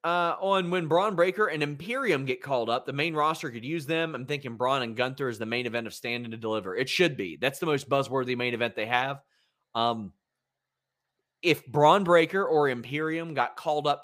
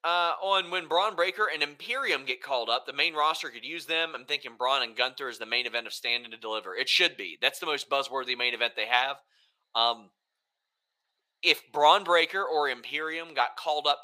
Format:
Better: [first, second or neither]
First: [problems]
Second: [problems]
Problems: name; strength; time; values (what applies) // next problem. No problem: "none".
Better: first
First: none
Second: thin; very; fading below 600 Hz